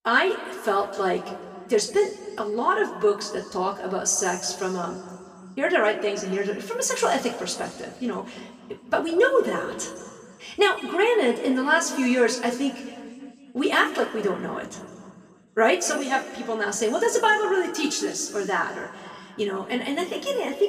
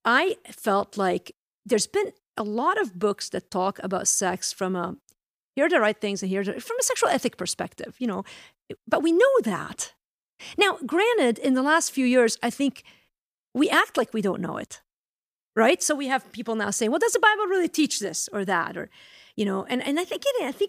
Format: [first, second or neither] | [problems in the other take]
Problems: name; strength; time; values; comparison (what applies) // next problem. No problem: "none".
second | room echo; slight; dies away in 1.9 s // off-mic speech; far